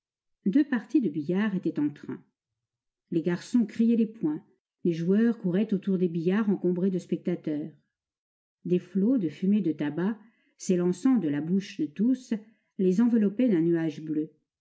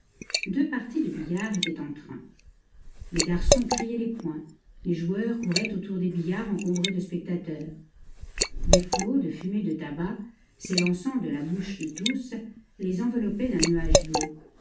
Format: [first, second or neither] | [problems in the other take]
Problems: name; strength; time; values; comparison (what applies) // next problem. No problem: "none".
first | background sound (Liquid); 1 dB below the speech // room echo; dies away in 0.3 s